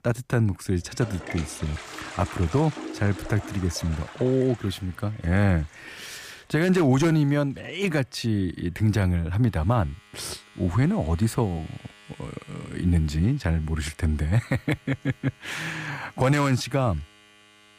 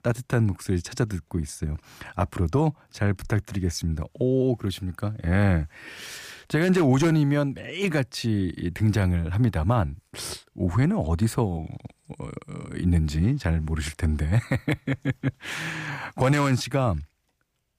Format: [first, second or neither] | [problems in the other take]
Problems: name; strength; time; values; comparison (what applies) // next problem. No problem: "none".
second | household noises; noticeable; throughout; 20 dB below the speech